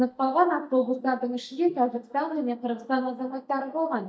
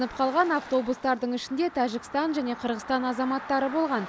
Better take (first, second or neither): second